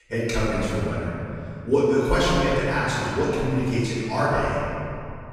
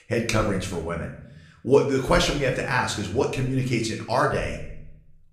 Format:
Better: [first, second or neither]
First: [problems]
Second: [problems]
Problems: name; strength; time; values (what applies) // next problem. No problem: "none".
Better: second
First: room echo; strong; dies away in 2.5 s // off-mic speech; far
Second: room echo; slight; dies away in 0.6 s // off-mic speech; somewhat distant